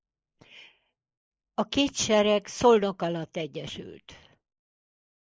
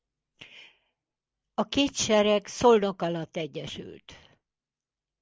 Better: second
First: noise reduction (neural mask model Resemble Enhance denoiser)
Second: none

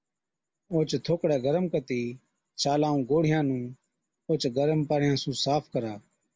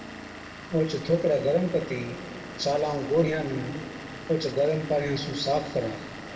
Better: first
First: none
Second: background sound (Engine / Vehicle); 13 dB below the speech // room echo; dies away in 2.3 s

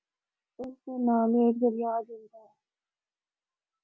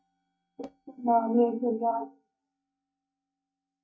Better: first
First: none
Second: noise reduction (neural mask model DeepFilterNet 3)

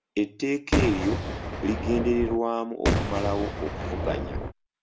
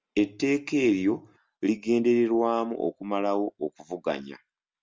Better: second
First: background sound (Boom); as loud as the speech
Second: none

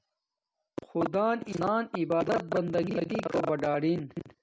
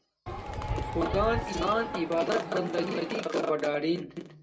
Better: first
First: none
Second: background sound (Crowd); 5 dB below the speech // room echo; dies away in 0.2 s

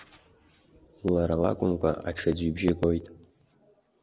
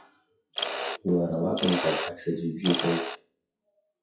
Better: first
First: none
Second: noise reduction (classical method WPE with log-MMSE)

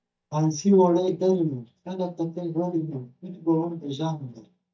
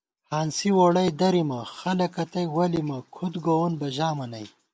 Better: second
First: noise reduction (neural mask model DeepFilterNet 3)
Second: none

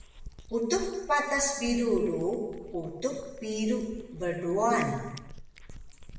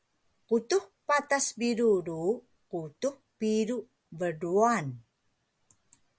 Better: second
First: background sound (Cat); 15 dB below the speech // room echo; dies away in 1 s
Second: none

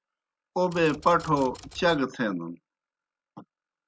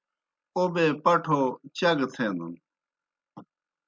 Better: second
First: background sound (Typewriter); 19 dB below the speech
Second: none

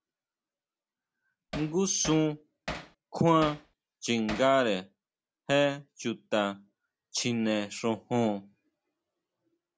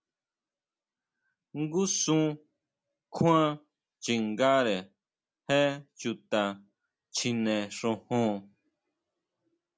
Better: second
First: background sound (Hammer); 12 dB below the speech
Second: none

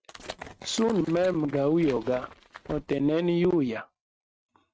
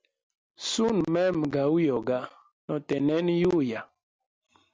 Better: second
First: noise reduction (neural mask model RNNoise)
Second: none

